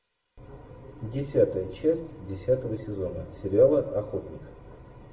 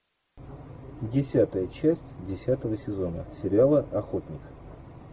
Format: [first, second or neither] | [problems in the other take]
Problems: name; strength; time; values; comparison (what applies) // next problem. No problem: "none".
second | room echo; dies away in 0.8 s